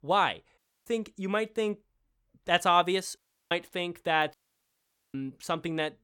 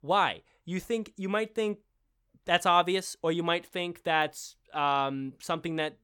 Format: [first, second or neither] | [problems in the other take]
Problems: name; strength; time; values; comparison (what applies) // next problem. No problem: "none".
second | audio cutting out; at 0.5 s, at 3 s and at 4.5 s for 1 s